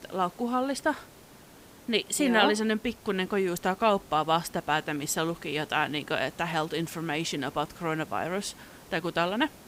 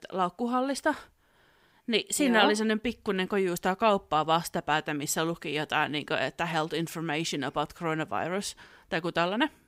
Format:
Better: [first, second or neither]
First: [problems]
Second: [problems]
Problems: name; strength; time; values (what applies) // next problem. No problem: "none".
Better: second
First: hiss; faint; throughout; 20 dB below the speech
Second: none